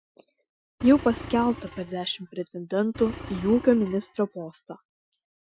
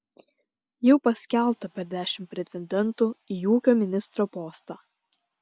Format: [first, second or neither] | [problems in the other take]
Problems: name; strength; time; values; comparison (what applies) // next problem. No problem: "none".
second | noise reduction (classical method Wiener filter)